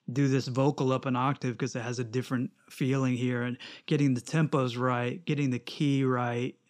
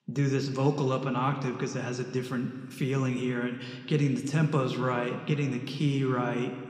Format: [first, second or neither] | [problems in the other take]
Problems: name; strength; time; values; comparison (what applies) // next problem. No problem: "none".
first | room echo; slight; dies away in 1.7 s